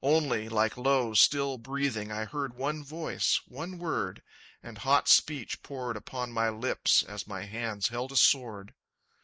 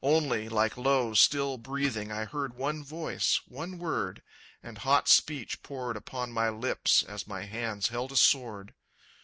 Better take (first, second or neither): second